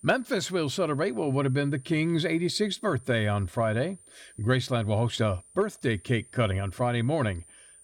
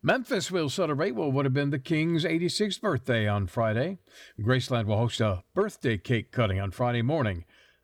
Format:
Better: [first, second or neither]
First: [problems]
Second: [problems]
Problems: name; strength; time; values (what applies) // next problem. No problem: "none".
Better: second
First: high-pitched whine; faint; throughout; 9 kHz, 25 dB below the speech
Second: none